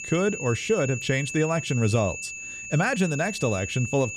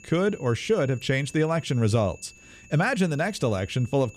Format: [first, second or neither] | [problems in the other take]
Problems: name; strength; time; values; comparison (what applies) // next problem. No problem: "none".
second | high-pitched whine; loud; throughout; 2.5 kHz, 8 dB below the speech; faint in the second